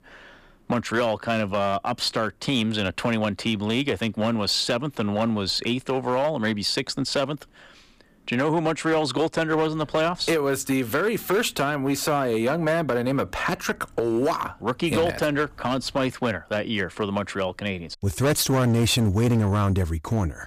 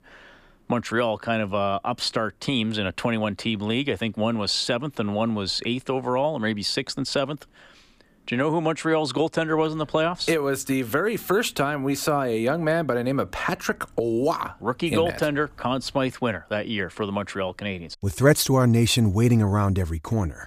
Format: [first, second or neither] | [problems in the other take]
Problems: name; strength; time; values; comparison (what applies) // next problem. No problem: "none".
second | distortion; slight; 7% of the sound clipped